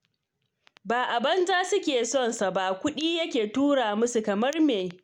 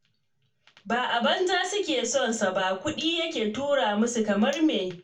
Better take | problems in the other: first | room echo; dies away in 0.2 s

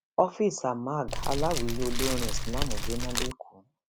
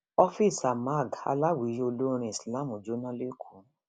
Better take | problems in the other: second | background sound (Fire); 3 dB above the speech

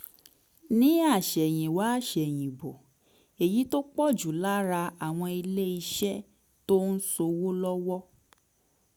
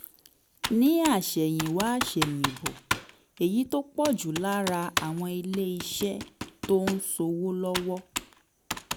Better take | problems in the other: first | background sound (Computer keyboard); 8 dB below the speech

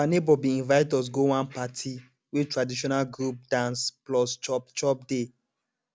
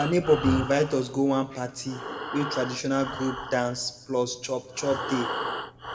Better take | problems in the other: first | background sound (Breathing); 8 dB below the speech // room echo; dies away in 0.8 s

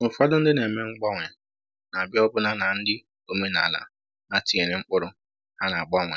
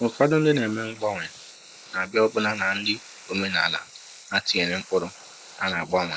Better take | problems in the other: first | noise reduction (neural mask model Resemble Enhance denoiser)

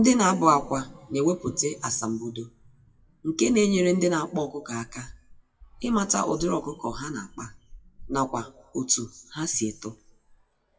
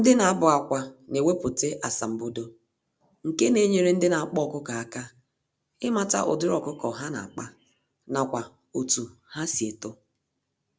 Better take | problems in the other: second | noise reduction (classical method WPE with log-MMSE)

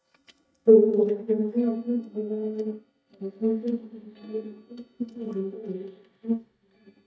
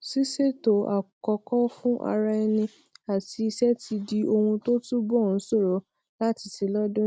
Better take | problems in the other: second | noise reduction (neural mask model DeepFilterNet 3)

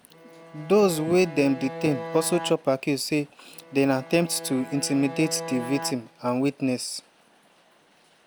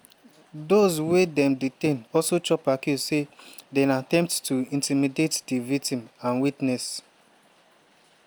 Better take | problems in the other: second | background sound (Bowed string instrument); 12 dB below the speech

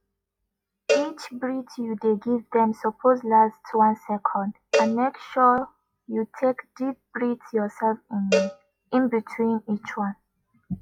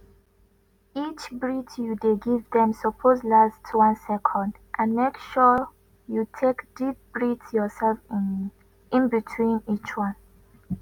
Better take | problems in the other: second | noise reduction (classical method log-MMSE)

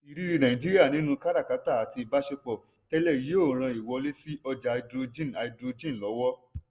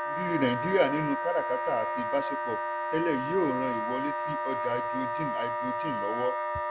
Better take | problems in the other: first | background sound (Wind instrument, woodwind instrument); as loud as the speech

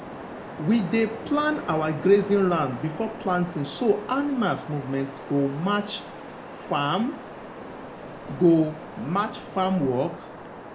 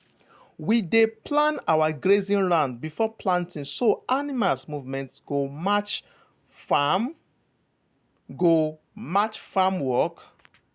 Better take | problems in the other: second | background sound (Waves, surf); 13 dB below the speech // room echo; dies away in 0.4 s

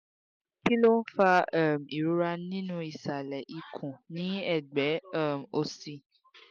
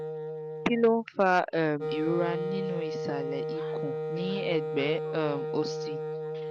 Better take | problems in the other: first | background sound (Wind instrument, woodwind instrument); 3 dB below the speech

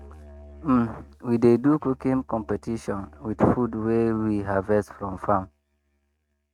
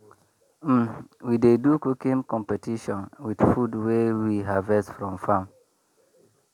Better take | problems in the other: second | noise reduction (neural mask model RNNoise)

